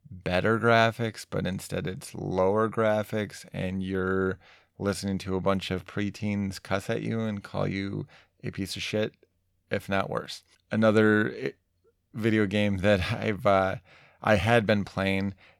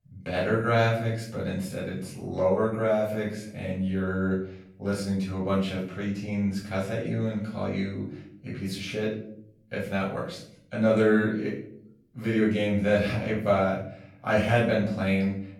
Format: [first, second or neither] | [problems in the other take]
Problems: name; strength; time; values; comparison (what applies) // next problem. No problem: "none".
first | off-mic speech; far // room echo; noticeable; dies away in 0.6 s